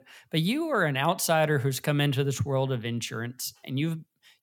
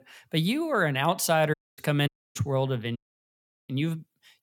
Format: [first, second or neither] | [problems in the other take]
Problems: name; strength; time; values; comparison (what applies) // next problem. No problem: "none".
first | audio cutting out; at 1.5 s, at 2 s and at 3 s for 0.5 s